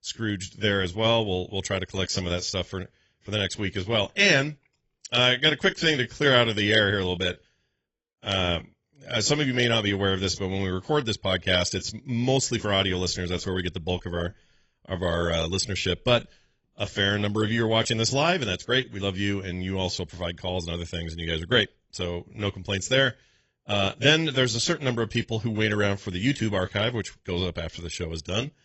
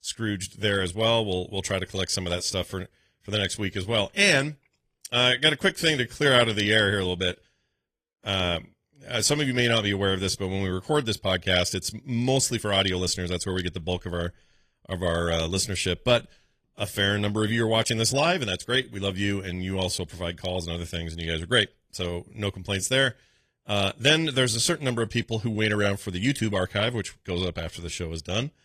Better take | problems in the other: second | garbled, watery; badly; nothing above 8 kHz; slightly in the second

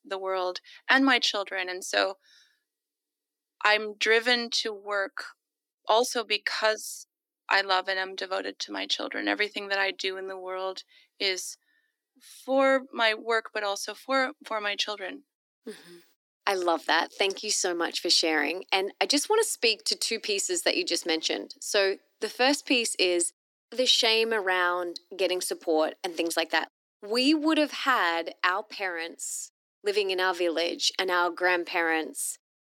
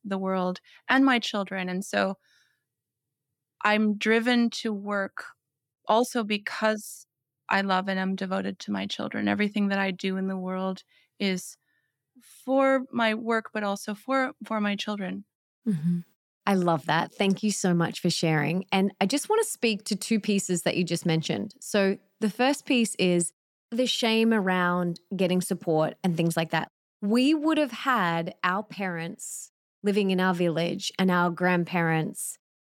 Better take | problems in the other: second | thin; somewhat; fading below 300 Hz

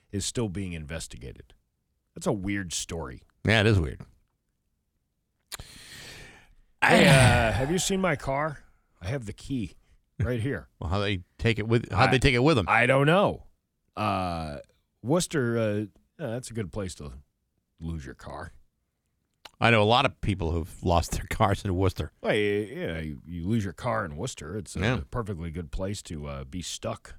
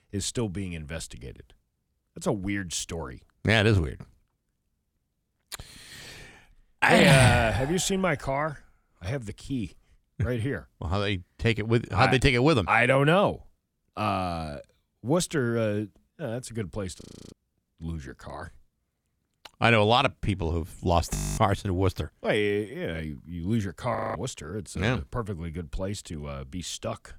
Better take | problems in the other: first | audio freezing; at 17 s, at 21 s and at 24 s

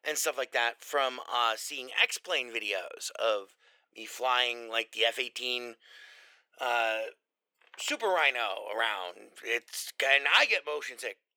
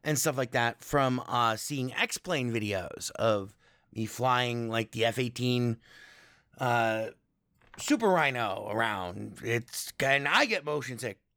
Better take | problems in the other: second | thin; very; fading below 450 Hz

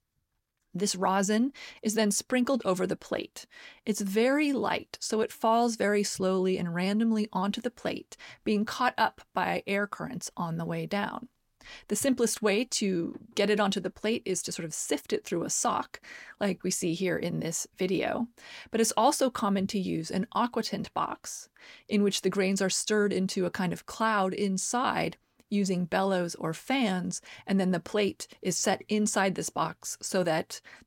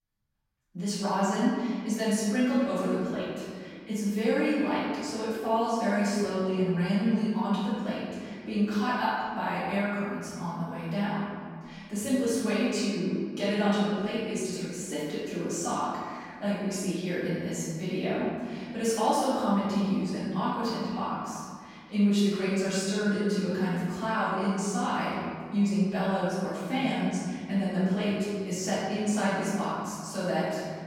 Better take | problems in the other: first | room echo; strong; dies away in 2 s // off-mic speech; far

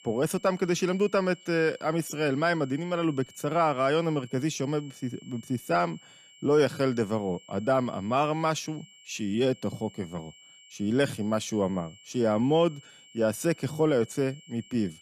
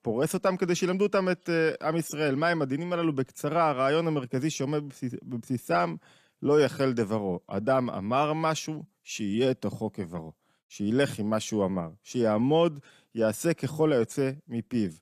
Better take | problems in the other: second | high-pitched whine; faint; throughout; 3 kHz, 25 dB below the speech

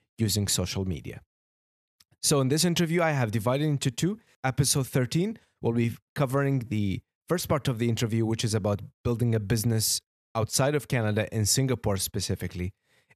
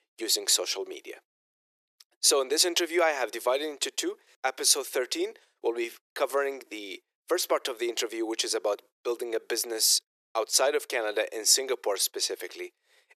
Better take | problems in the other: first | thin; very; fading below 350 Hz

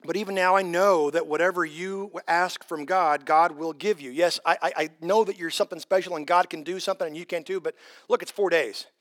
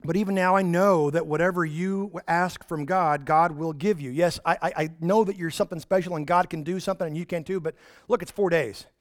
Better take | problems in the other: second | thin; somewhat; fading below 300 Hz

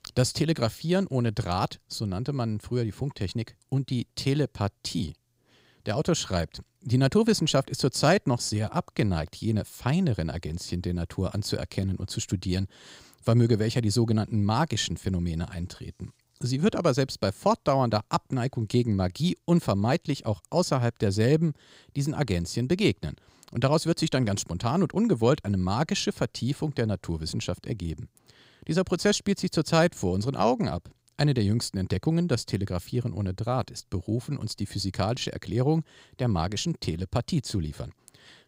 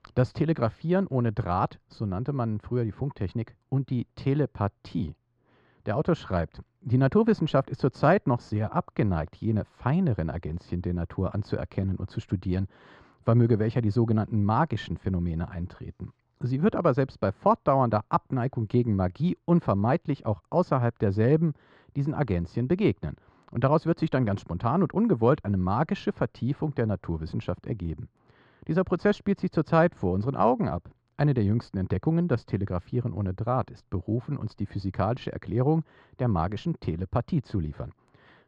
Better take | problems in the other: first | muffled; very; fading above 1.5 kHz

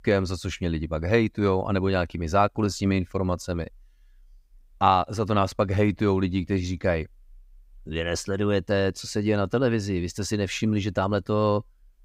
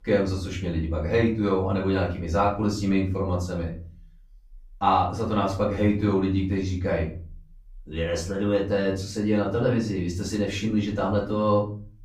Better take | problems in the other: first | room echo; slight; dies away in 0.4 s // off-mic speech; far

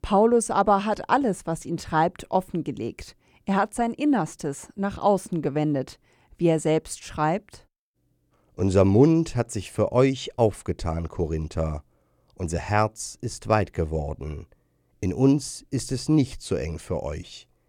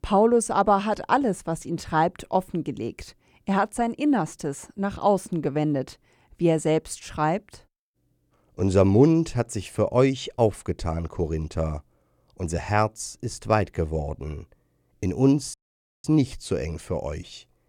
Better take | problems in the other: first | audio cutting out; at 16 s for 0.5 s

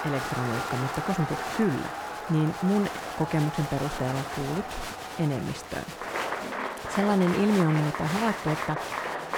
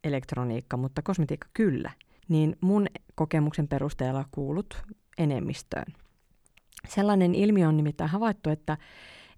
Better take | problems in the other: second | crowd noise; loud; throughout; 5 dB below the speech

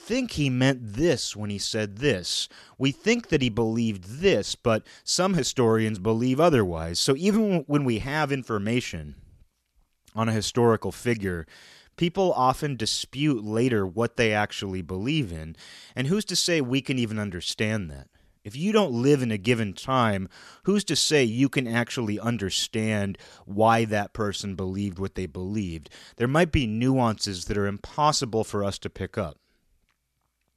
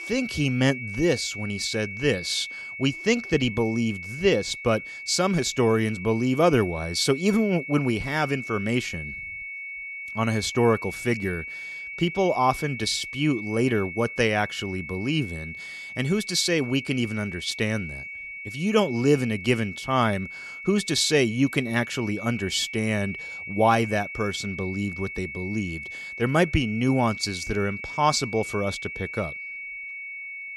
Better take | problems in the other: first | high-pitched whine; loud; throughout; 2 kHz, 9 dB below the speech

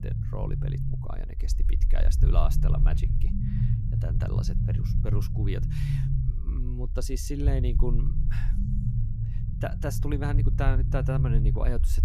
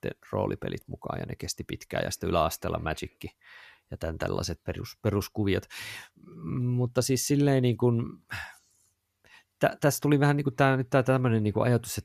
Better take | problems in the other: second | low rumble; loud; throughout; 4 dB below the speech

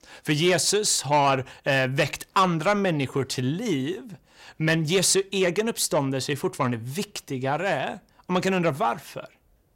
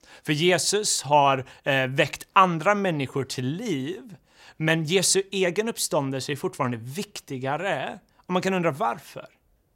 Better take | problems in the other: second | distortion; slight; 10 dB below the speech

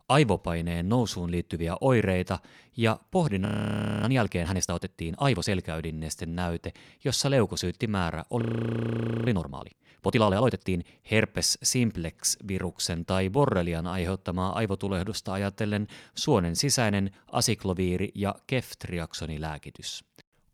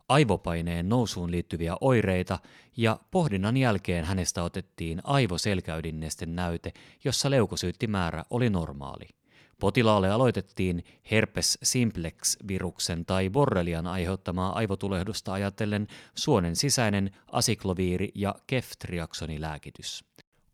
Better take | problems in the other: second | audio freezing; at 3.5 s for 0.5 s and at 8.5 s for 1 s

